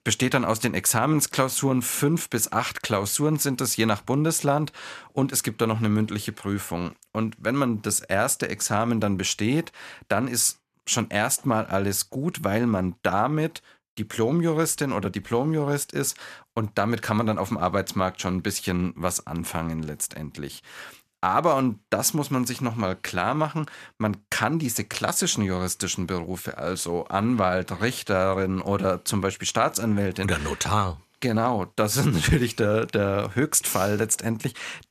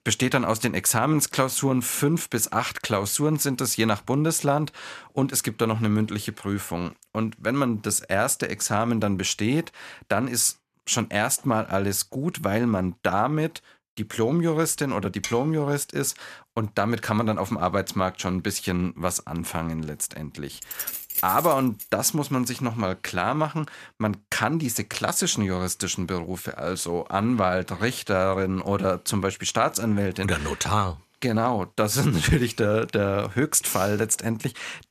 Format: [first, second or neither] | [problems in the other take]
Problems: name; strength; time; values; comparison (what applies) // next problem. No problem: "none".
first | clattering dishes; noticeable; at 15 s; peak 9 dB below the speech // jangling keys; noticeable; from 21 to 22 s; peak 2 dB below the speech